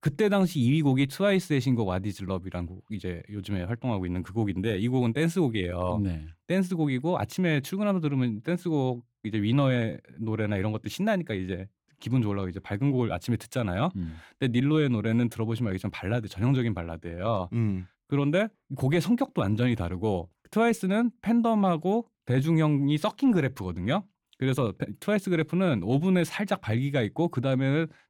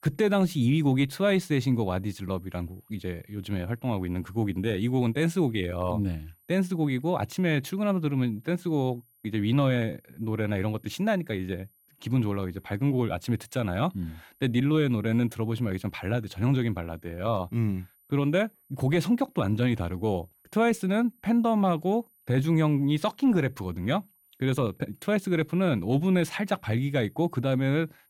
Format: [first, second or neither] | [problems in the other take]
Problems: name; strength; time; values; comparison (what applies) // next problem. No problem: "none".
first | high-pitched whine; faint; throughout; 12 kHz, 35 dB below the speech